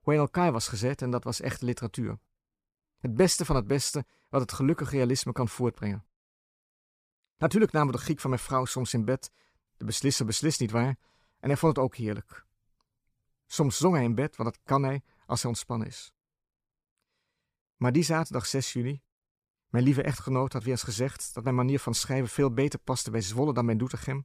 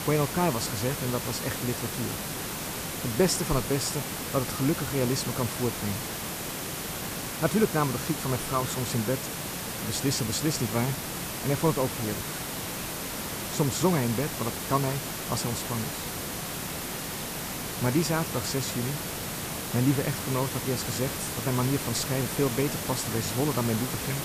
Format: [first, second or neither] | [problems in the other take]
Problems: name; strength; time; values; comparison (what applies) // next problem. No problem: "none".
first | hiss; loud; throughout; 3 dB below the speech